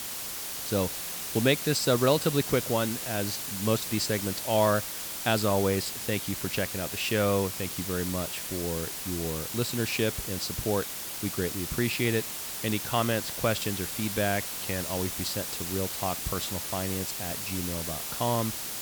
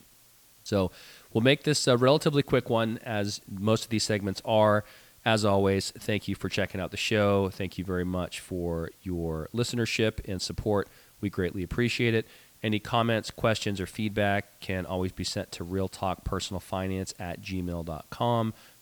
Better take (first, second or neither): second